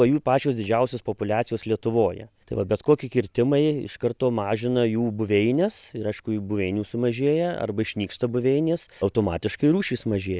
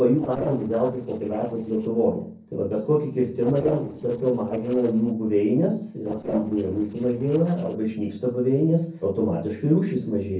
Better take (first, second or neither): first